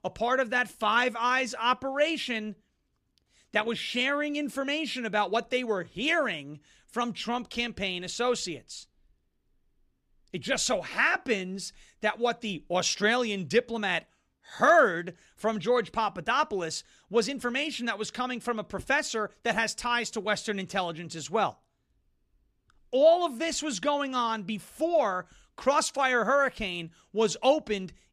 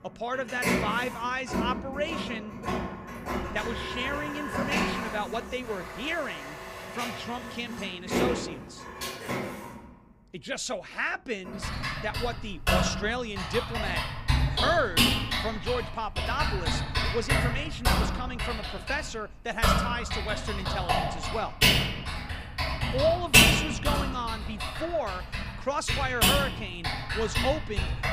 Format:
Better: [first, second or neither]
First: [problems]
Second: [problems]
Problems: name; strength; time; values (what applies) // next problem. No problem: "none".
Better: first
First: none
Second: household noises; very loud; throughout; 5 dB above the speech